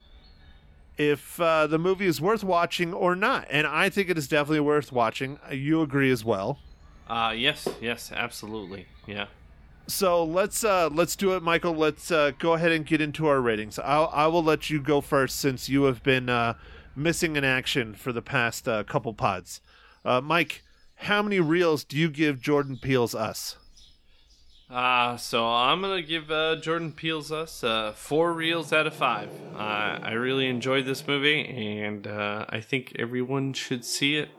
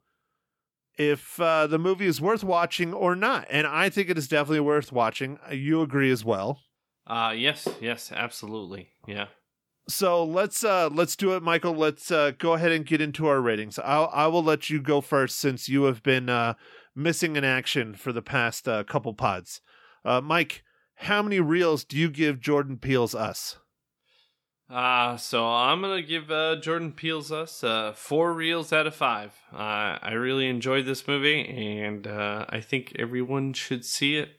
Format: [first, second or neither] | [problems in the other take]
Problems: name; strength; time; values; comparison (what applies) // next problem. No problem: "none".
second | animal sounds; faint; throughout; 25 dB below the speech